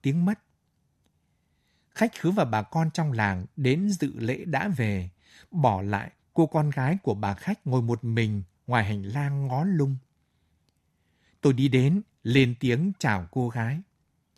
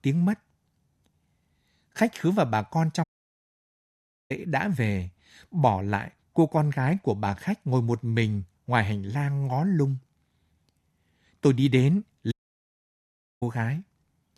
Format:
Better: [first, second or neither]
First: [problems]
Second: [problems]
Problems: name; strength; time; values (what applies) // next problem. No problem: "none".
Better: first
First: none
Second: audio cutting out; at 3 s for 1.5 s and at 12 s for 1 s